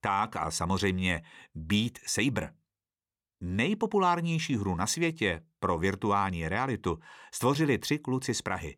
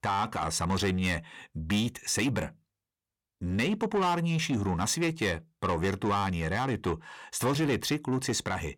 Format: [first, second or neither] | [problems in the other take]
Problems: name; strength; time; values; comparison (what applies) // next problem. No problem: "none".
first | distortion; slight; 10 dB below the speech